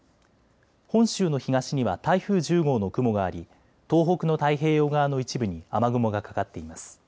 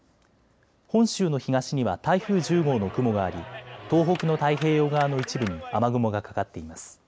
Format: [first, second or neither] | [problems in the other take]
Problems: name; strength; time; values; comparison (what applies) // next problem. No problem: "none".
first | background sound (Clapping); 14 dB below the speech